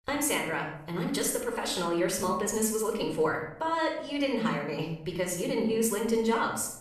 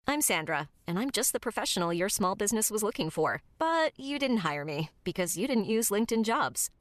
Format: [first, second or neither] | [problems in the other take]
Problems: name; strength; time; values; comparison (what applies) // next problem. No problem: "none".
second | off-mic speech; somewhat distant // room echo; noticeable; dies away in 0.6 s